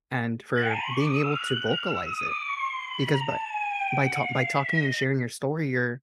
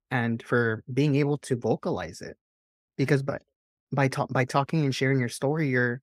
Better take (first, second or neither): second